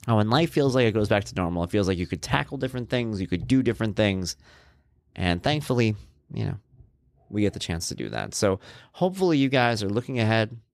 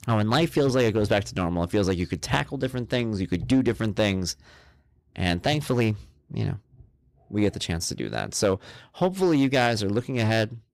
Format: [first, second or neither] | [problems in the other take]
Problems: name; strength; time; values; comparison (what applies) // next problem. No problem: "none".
first | distortion; slight; 3% of the sound clipped